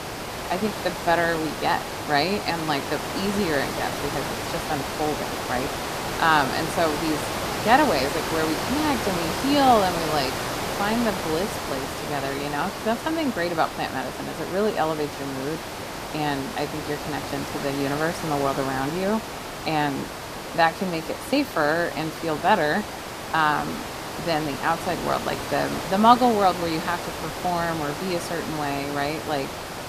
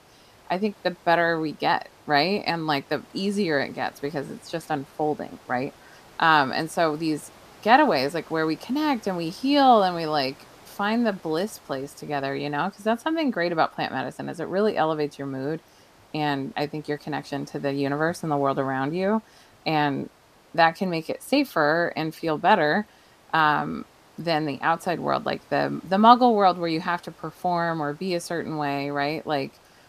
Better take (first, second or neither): second